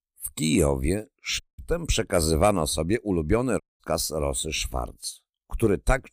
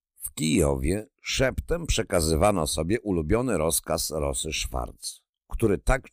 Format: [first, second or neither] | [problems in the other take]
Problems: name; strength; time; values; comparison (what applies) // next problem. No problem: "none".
second | audio cutting out; at 1.5 s and at 3.5 s